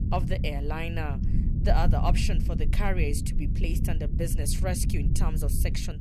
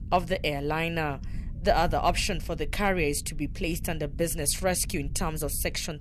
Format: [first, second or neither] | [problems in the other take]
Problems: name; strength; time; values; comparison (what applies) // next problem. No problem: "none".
second | low rumble; loud; throughout; 8 dB below the speech; faint in the second